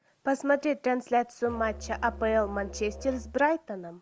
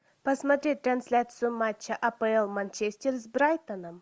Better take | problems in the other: second | background sound (Musical instrument); 14 dB below the speech

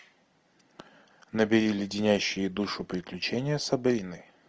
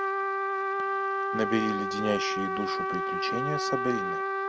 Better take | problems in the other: first | background sound (Trumpet); 4 dB above the speech

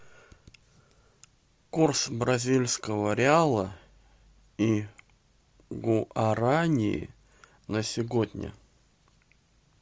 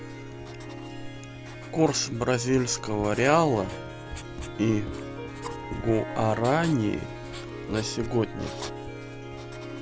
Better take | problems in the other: first | background sound (Harp + Writing); 8 dB below the speech

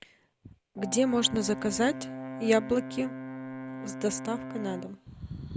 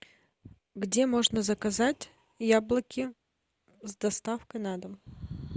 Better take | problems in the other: second | background sound (Brass instrument); 9 dB below the speech

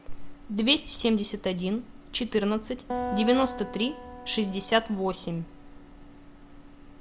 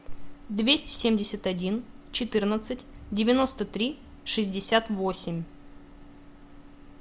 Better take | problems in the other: second | background sound (Acoustic guitar); 9 dB below the speech

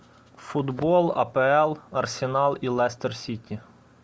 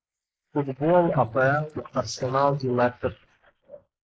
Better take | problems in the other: first | noise reduction (neural mask model Resemble Enhance denoiser)

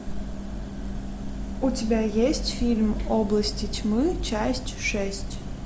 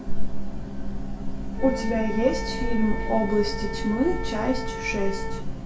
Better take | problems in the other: first | background sound (Wind instrument, woodwind instrument); 13 dB below the speech // room echo; dies away in 0.2 s

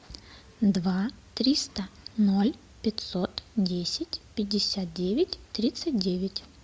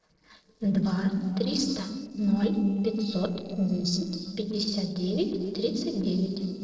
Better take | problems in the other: first | noise reduction (neural separator model SepFormer DNS4)

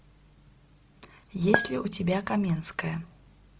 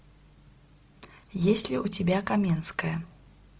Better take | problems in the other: second | background sound (Chink, clink); 3 dB above the speech

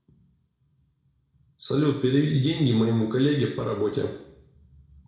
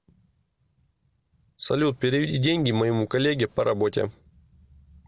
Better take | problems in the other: second | room echo; dies away in 0.6 s

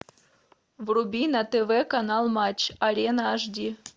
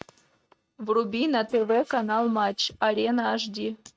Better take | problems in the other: first | noise reduction (neural mask model RNNoise)

